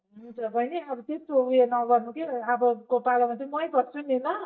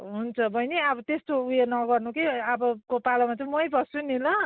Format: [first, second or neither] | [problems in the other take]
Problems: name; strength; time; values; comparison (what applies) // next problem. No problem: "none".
second | noise reduction (neural mask model DeepFilterNet 3)